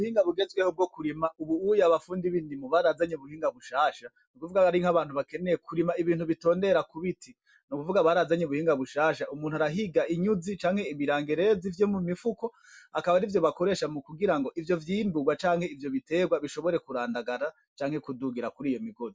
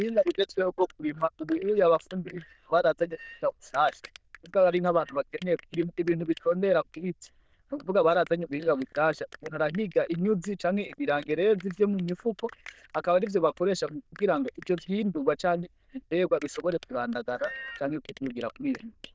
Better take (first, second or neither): first